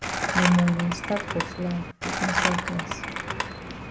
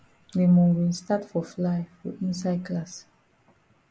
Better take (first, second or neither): second